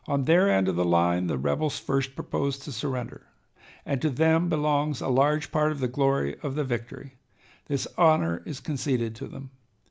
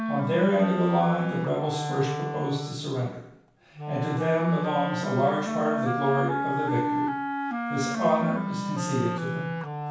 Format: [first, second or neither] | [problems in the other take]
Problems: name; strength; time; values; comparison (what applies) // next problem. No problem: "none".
first | background sound (Wind instrument, woodwind instrument); 3 dB below the speech // room echo; dies away in 0.7 s